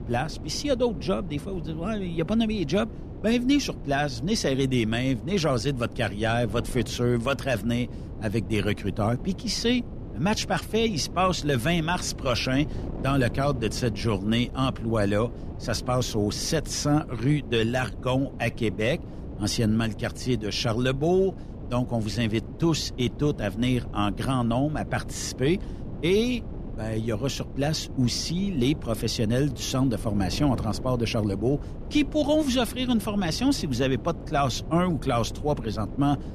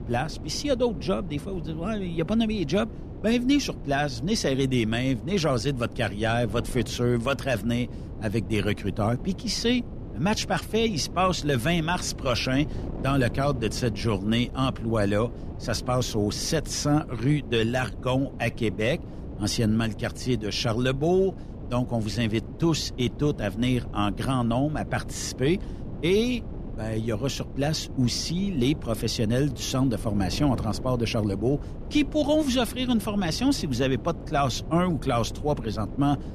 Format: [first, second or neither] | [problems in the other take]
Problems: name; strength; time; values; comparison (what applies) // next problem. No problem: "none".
neither | wind noise on the microphone; occasional gusts; 15 dB below the speech; the same in both